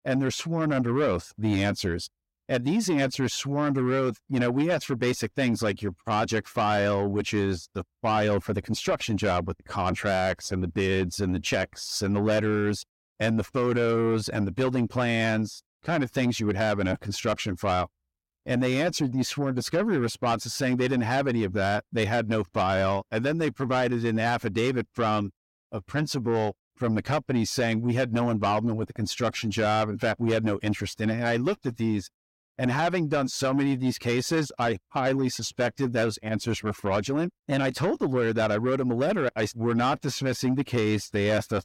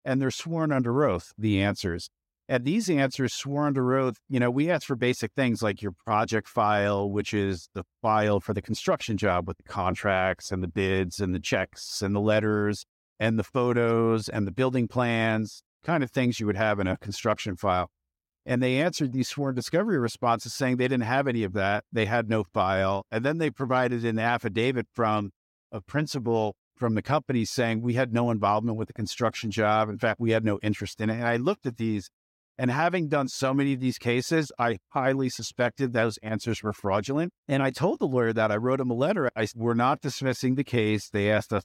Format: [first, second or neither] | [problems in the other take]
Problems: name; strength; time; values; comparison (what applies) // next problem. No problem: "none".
second | distortion; slight; 10 dB below the speech